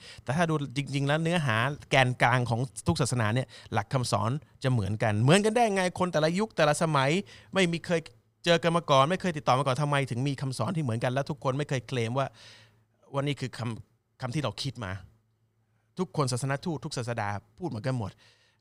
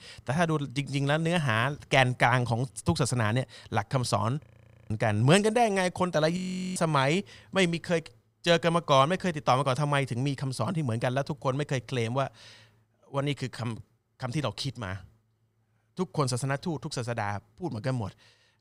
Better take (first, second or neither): first